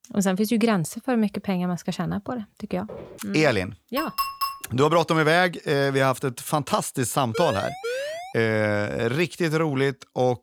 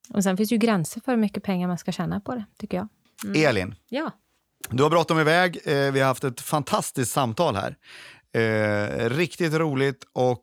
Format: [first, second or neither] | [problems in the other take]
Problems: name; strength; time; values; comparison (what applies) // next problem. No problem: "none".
second | footsteps; faint; at 3 s; peak 15 dB below the speech // clattering dishes; noticeable; at 4 s; peak 2 dB below the speech // siren; noticeable; at 7.5 s; peak 5 dB below the speech